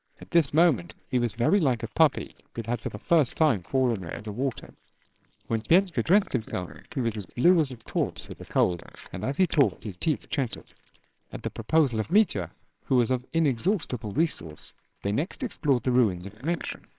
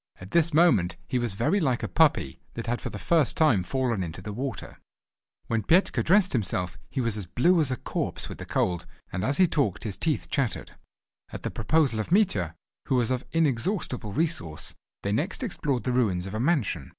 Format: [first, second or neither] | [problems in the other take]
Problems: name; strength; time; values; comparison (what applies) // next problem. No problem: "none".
second | noise reduction (neural separator model SepFormer WHAMR!)